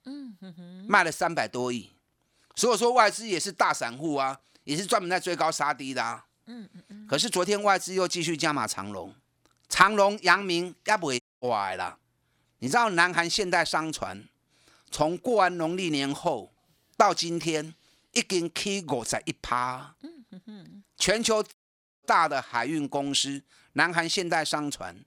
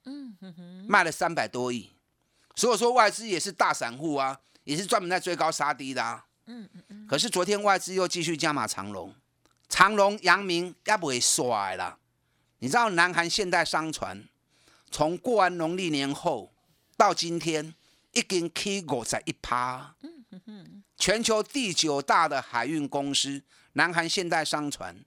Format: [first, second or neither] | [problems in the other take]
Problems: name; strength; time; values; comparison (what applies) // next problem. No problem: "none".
second | audio cutting out; at 11 s and at 22 s